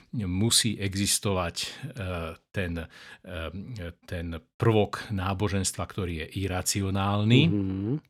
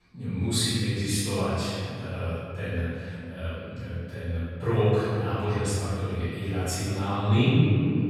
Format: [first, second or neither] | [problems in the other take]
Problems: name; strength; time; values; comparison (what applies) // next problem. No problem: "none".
first | off-mic speech; far // room echo; strong; dies away in 2.5 s